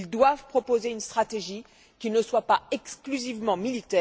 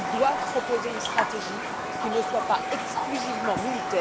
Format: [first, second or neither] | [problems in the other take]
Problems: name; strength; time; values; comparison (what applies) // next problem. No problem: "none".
first | background sound (Raindrop + Wind instrument, woodwind instrument); as loud as the speech